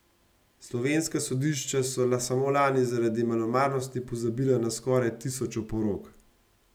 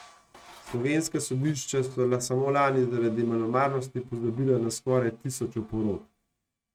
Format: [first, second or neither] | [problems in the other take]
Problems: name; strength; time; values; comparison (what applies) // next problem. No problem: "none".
first | noise reduction (neural mask model RNNoise)